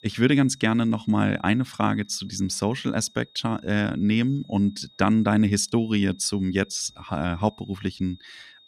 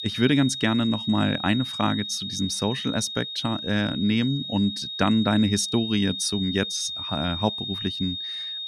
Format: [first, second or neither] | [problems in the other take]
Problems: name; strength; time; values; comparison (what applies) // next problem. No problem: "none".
first | high-pitched whine; loud; throughout; 3.5 kHz, 5 dB below the speech; faint in the first